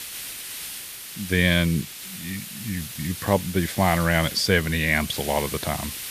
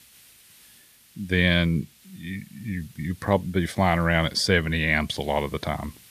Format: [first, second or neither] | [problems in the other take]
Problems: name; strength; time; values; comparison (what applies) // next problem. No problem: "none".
second | hiss; loud; throughout; 10 dB below the speech; faint in the second